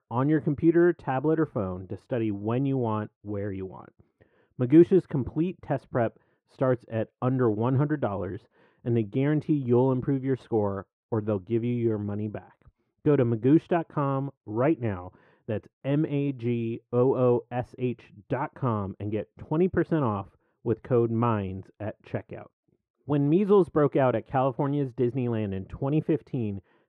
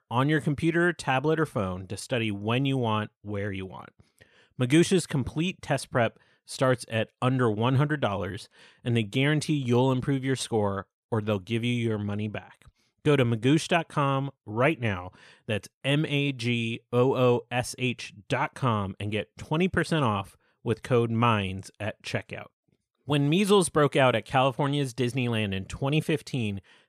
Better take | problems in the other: second | muffled; very; fading above 3 kHz

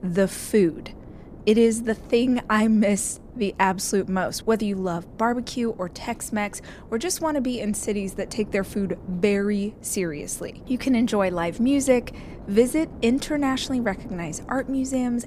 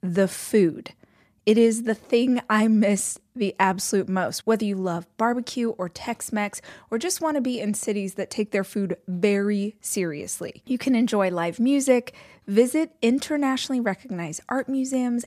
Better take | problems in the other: second | wind noise on the microphone; occasional gusts; 20 dB below the speech

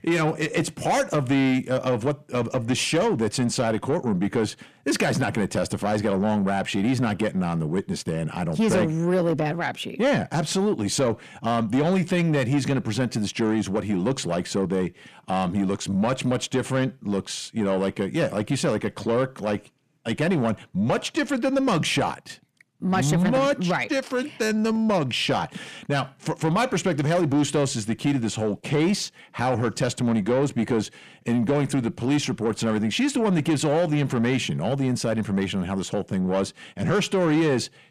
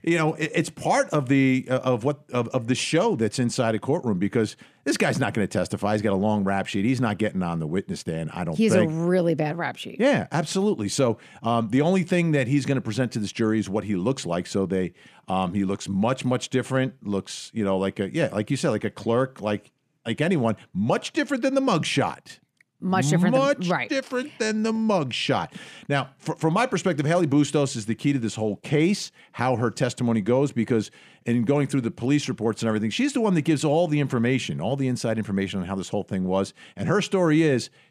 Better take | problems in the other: second | distortion; slight; 10 dB below the speech

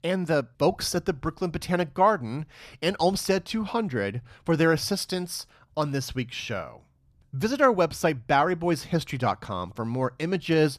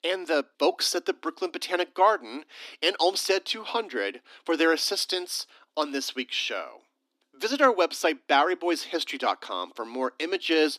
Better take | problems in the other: first | thin; somewhat; fading below 250 Hz

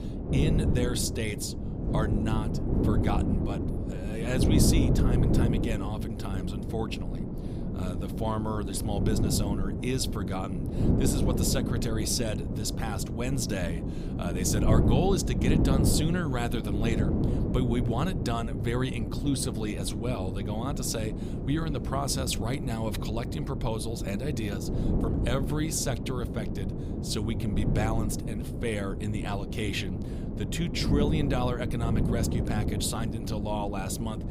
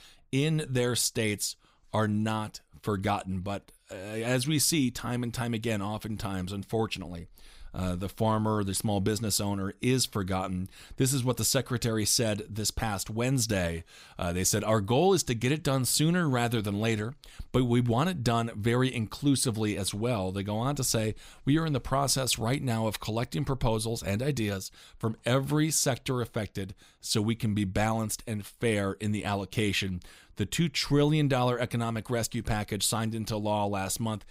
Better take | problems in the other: second | wind noise on the microphone; heavy; 3 dB below the speech

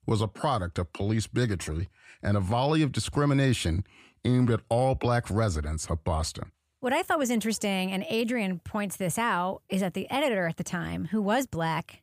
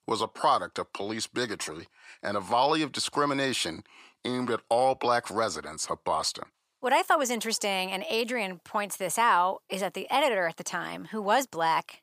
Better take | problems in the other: first | thin; somewhat; fading below 350 Hz

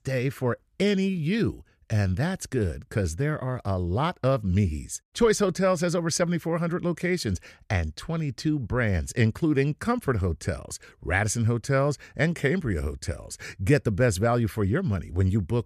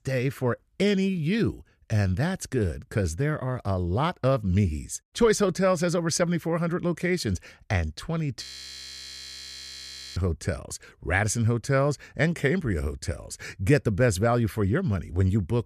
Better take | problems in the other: first | audio freezing; at 8.5 s for 1.5 s

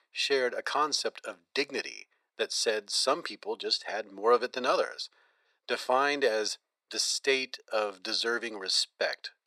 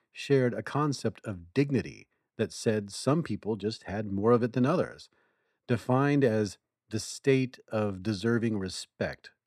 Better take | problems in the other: second | thin; very; fading below 550 Hz

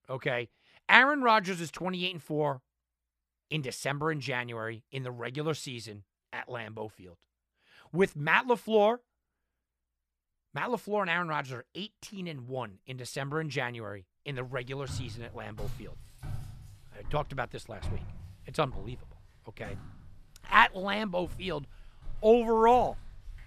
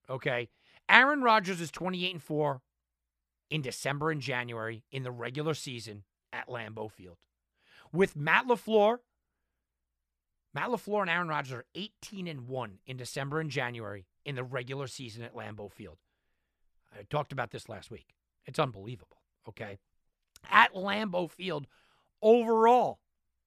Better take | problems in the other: second | footsteps; faint; from 14 s on; peak 10 dB below the speech

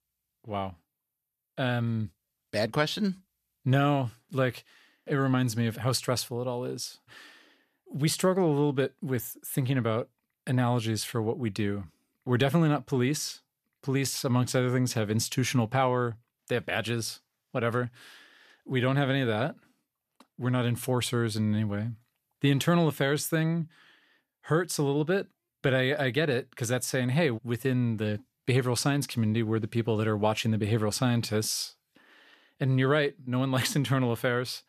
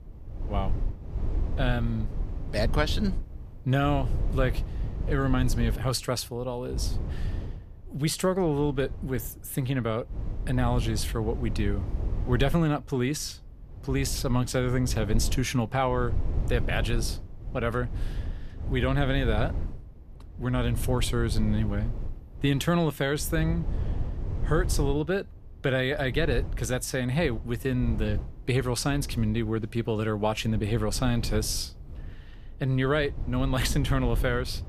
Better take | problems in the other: first | wind noise on the microphone; occasional gusts; 15 dB below the speech

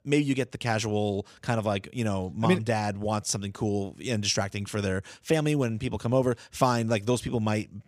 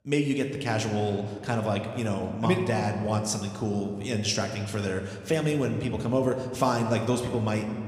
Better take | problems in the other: first | room echo; slight; dies away in 1.7 s

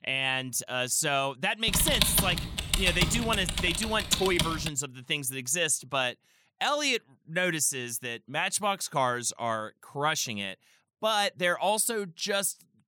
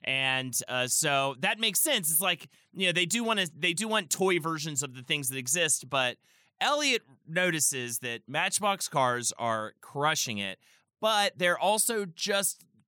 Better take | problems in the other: second | keyboard typing; loud; from 1.5 to 4.5 s; peak 3 dB above the speech

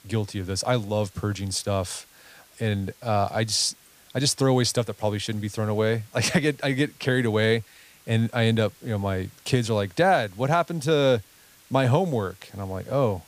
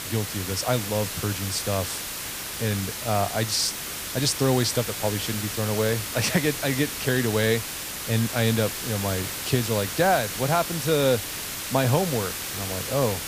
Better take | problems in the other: first | hiss; loud; throughout; 4 dB below the speech; faint in the first

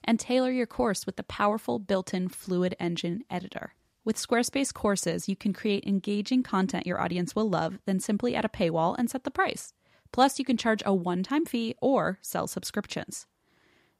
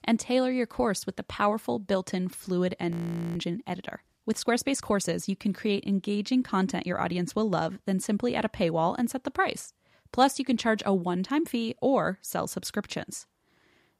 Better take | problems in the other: first | audio freezing; at 3 s

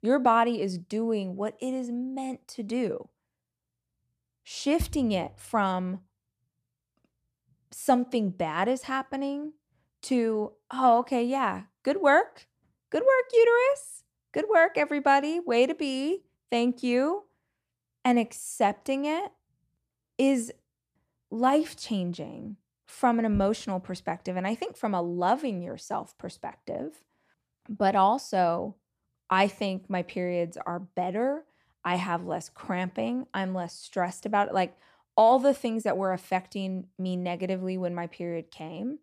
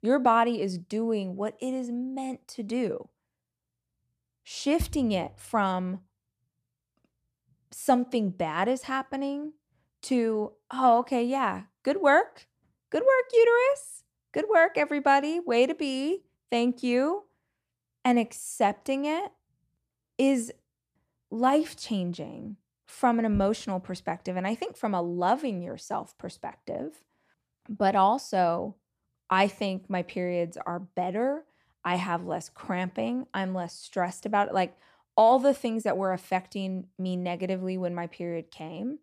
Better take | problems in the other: neither | none

